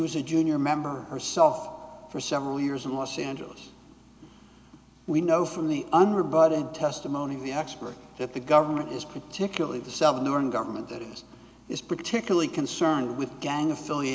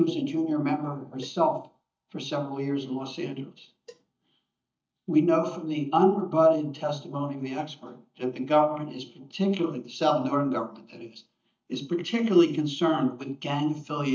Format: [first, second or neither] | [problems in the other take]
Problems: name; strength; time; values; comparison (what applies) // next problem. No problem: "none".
first | noise reduction (neural mask model DeepFilterNet 3)